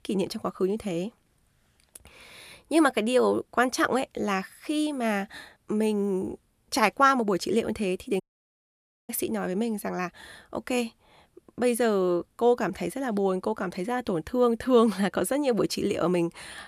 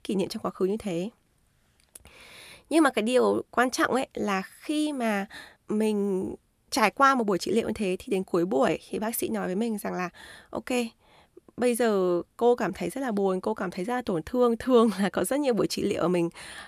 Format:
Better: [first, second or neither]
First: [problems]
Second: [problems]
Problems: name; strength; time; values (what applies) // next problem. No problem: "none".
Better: second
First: audio cutting out; at 8 s for 1 s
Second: none